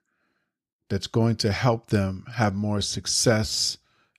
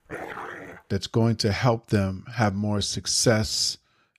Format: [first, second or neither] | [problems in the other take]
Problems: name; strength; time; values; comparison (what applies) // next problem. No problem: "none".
first | dog barking; faint; at the start; peak 10 dB below the speech